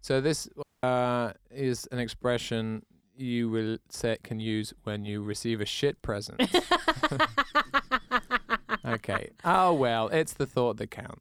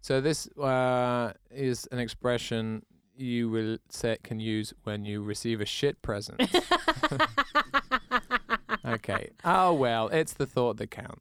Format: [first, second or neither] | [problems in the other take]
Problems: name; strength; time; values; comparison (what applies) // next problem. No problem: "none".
second | audio cutting out; at 0.5 s